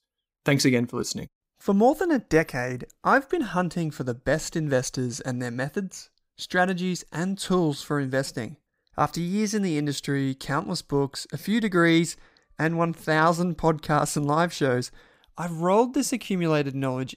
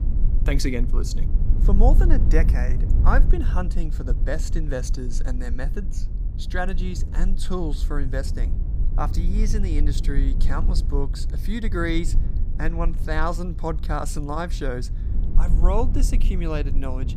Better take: first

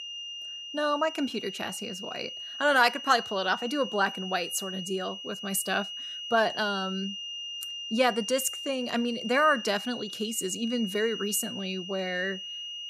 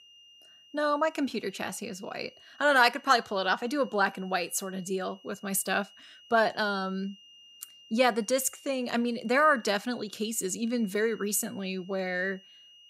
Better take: second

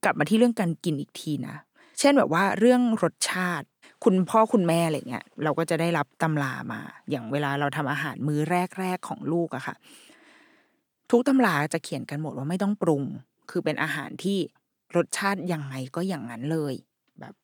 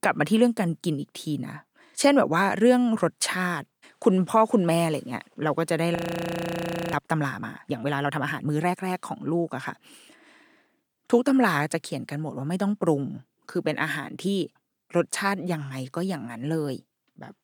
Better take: first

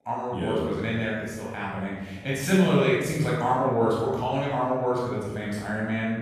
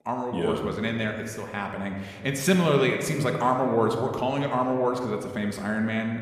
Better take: second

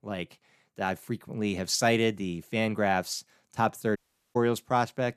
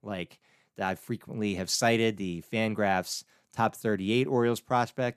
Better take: second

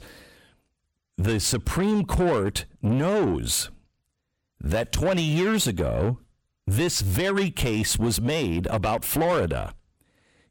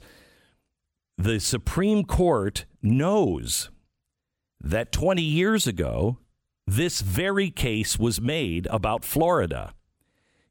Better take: second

